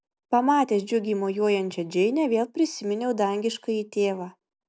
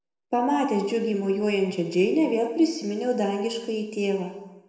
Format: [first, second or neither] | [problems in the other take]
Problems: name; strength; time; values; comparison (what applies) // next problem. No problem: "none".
first | room echo; dies away in 1 s